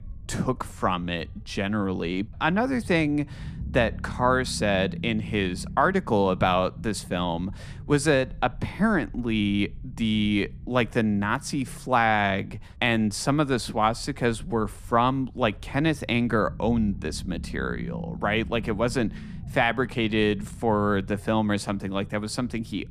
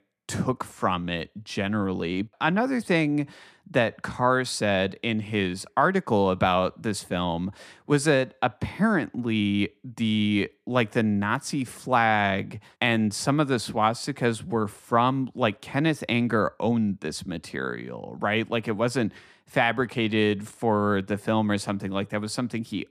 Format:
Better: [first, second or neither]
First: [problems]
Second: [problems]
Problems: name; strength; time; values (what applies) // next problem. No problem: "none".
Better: second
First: low rumble; faint; throughout; 25 dB below the speech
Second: none